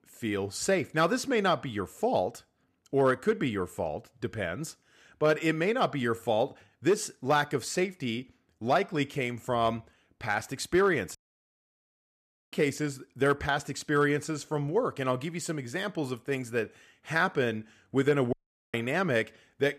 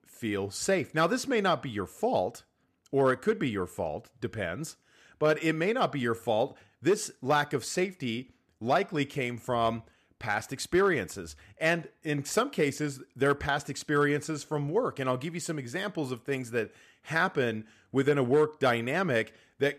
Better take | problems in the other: second | audio cutting out; at 11 s for 1.5 s and at 18 s

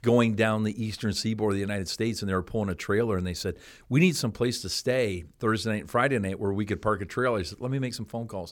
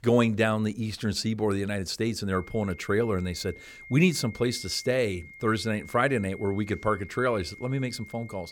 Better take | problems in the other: first | high-pitched whine; noticeable; from 2.5 s on; 2 kHz, 20 dB below the speech

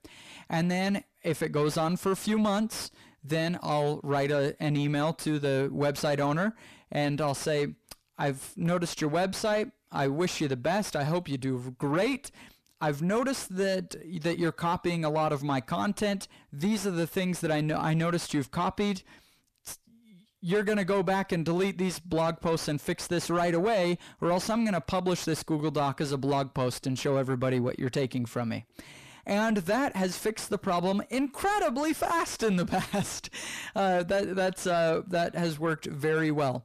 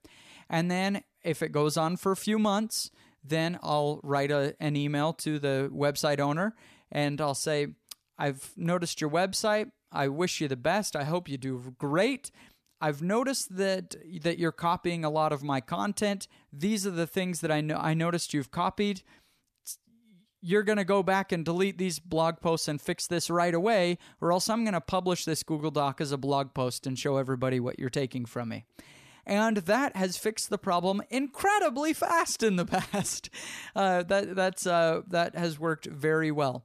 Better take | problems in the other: second | distortion; slight; 10 dB below the speech

